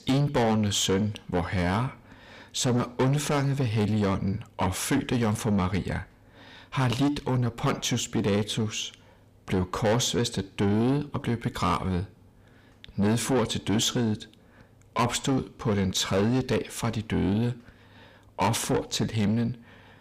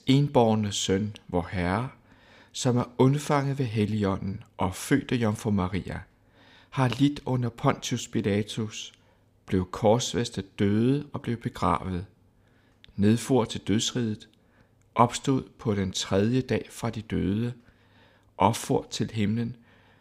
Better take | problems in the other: second | distortion; heavy; 7 dB below the speech

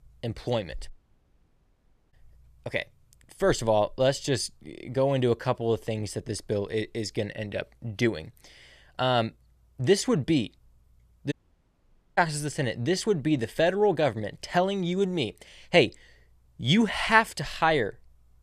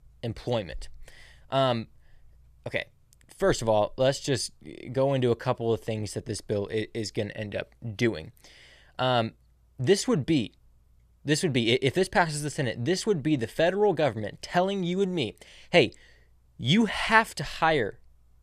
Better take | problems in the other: second | audio cutting out; at 1 s for 1 s and at 11 s for 1 s

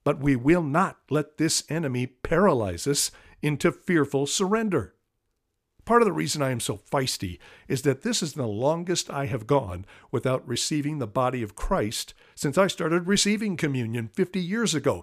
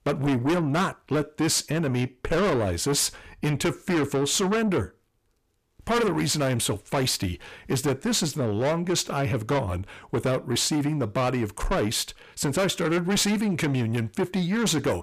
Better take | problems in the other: first | distortion; heavy; 6 dB below the speech

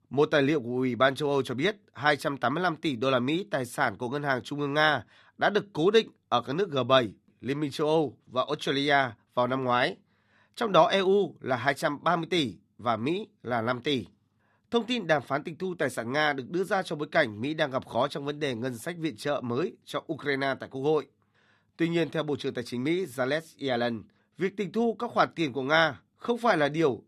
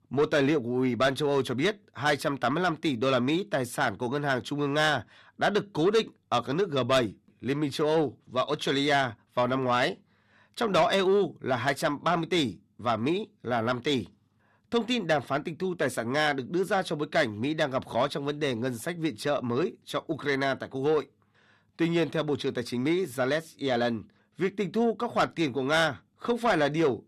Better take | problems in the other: first | distortion; slight; 10 dB below the speech

